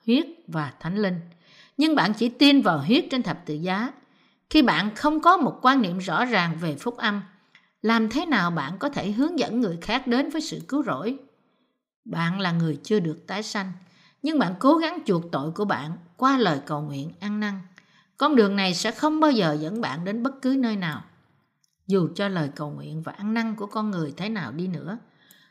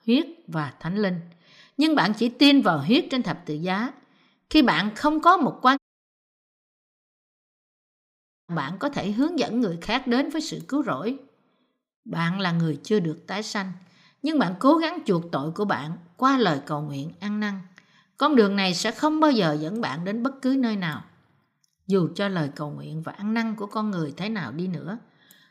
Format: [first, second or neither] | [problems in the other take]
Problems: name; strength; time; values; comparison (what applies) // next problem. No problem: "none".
first | audio cutting out; at 6 s for 2.5 s